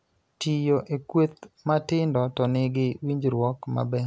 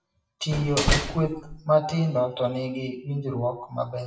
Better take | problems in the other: first | noise reduction (classical method WPE with log-MMSE)

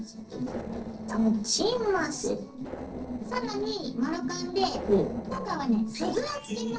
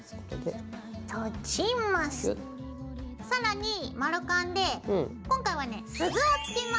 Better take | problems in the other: second | noise reduction (neural separator model SepFormer DNS4)

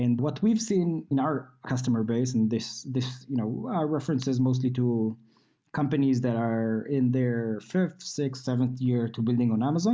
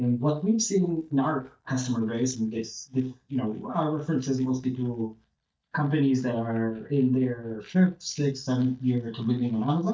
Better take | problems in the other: first | noise reduction (neural mask model DeepFilterNet 3)

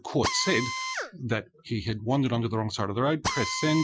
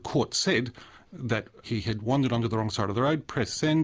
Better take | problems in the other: second | noise reduction (classical method Wiener filter)

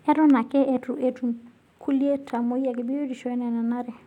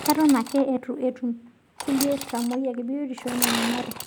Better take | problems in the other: first | background sound (Sawing / Engine); 8 dB below the speech

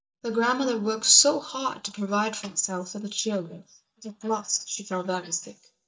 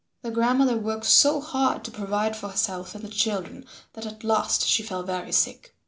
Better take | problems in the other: second | noise reduction (neural mask model DeepFilterNet 3)

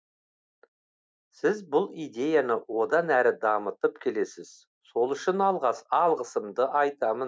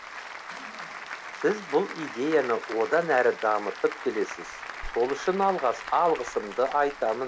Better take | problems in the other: first | background sound (Applause); 12 dB below the speech

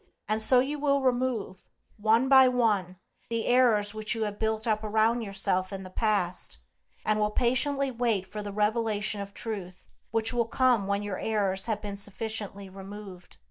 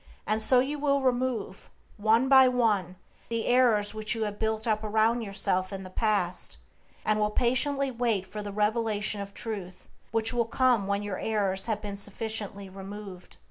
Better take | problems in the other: second | noise reduction (neural mask model DeepFilterNet 3)

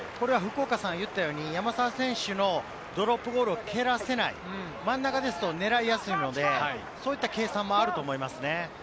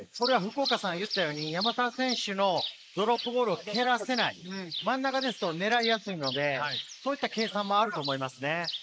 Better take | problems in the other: first | noise reduction (neural mask model Resemble Enhance denoiser)

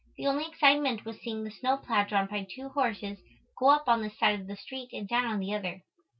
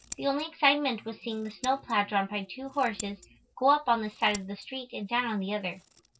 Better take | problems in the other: first | background sound (Scissors); 20 dB below the speech

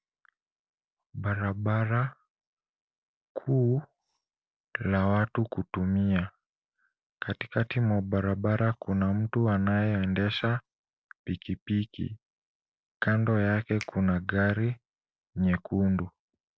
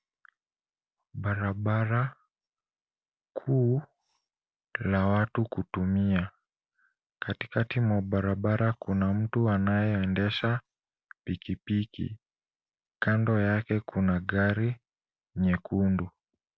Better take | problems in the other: second | noise reduction (neural separator model SepFormer DNS4)

